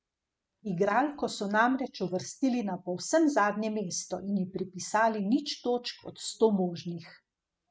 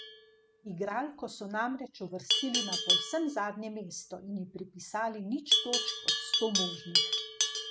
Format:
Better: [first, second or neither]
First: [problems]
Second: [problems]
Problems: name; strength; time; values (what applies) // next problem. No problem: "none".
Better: first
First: none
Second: background sound (Livestock, farm animals, working animals); 3 dB above the speech